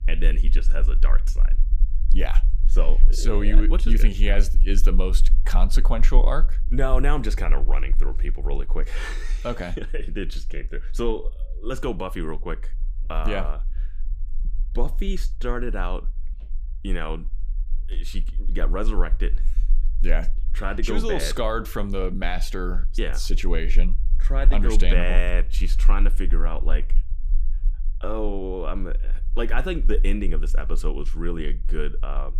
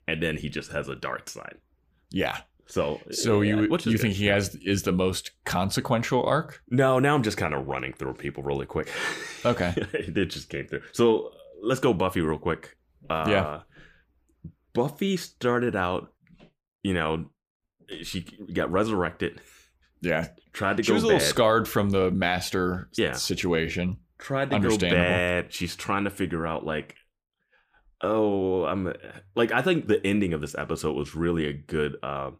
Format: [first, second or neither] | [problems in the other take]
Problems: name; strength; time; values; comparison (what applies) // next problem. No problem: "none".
second | low rumble; faint; throughout; 20 dB below the speech